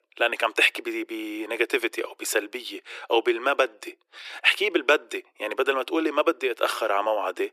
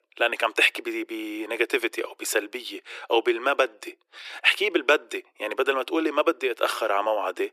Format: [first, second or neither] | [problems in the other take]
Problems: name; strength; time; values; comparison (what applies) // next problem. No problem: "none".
neither | thin; very; fading below 350 Hz; the same in both